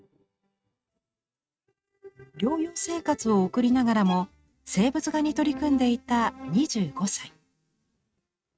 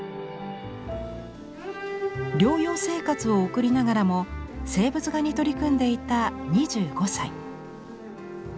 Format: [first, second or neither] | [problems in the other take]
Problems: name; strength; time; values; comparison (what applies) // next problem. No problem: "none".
second | noise reduction (neural mask model RNNoise)